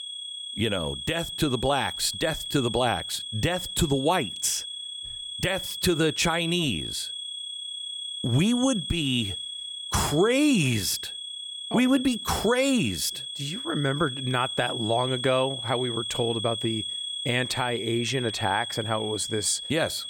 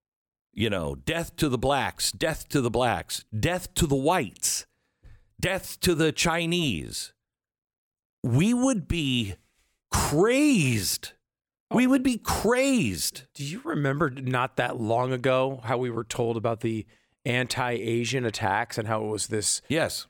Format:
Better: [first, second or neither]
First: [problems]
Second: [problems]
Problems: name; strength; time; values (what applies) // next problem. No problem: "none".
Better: second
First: high-pitched whine; loud; throughout; 3.5 kHz, 6 dB below the speech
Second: none